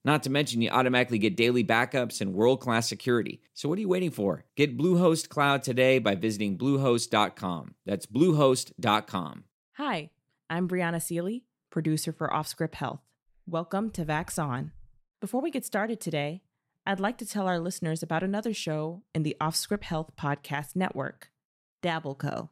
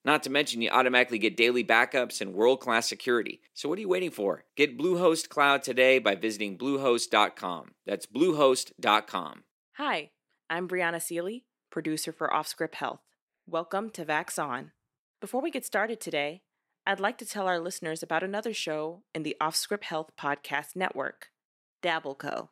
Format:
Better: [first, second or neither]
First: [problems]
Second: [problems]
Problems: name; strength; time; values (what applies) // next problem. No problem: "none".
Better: first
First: none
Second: thin; somewhat; fading below 350 Hz